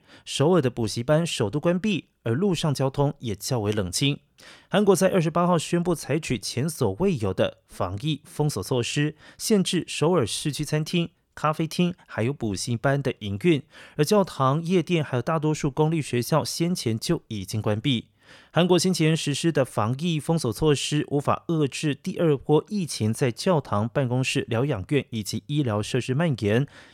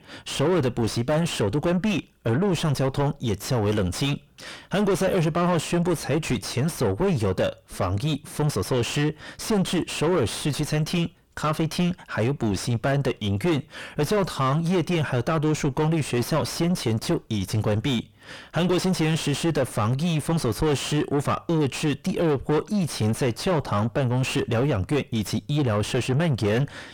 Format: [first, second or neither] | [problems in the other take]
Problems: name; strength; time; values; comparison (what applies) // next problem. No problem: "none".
first | distortion; heavy; 5 dB below the speech